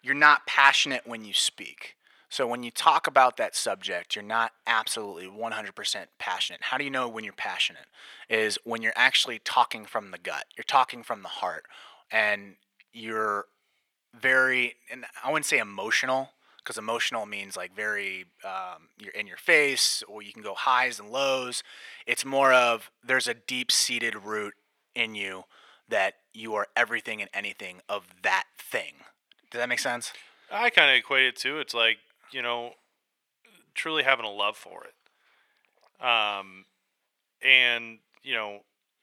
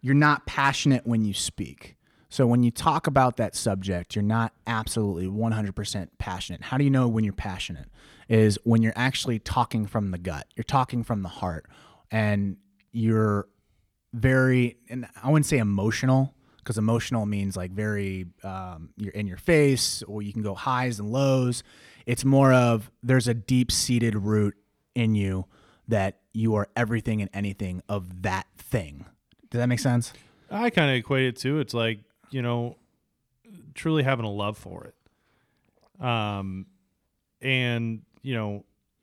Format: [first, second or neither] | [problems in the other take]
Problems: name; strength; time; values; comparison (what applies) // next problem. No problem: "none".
second | thin; very; fading below 700 Hz